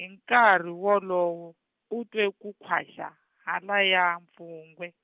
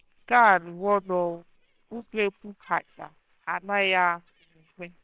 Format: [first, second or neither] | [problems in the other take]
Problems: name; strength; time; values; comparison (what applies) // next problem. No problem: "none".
first | noise reduction (neural separator model SepFormer WHAMR!)